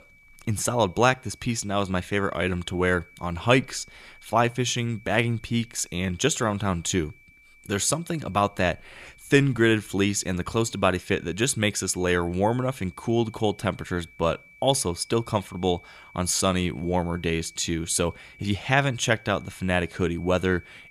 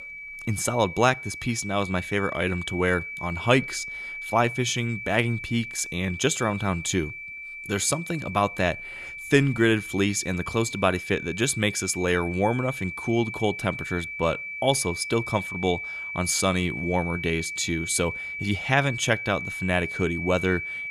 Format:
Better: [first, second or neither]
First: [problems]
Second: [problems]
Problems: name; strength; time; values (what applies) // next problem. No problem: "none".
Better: first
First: high-pitched whine; faint; throughout; 2.5 kHz, 25 dB below the speech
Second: high-pitched whine; loud; throughout; 2.5 kHz, 8 dB below the speech